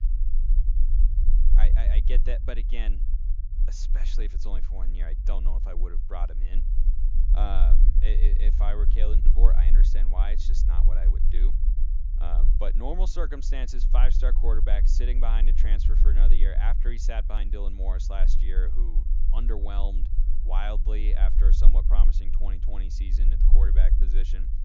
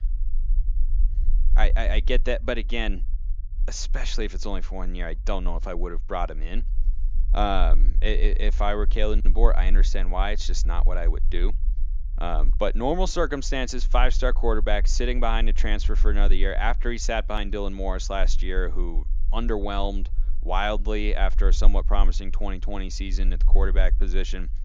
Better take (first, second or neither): second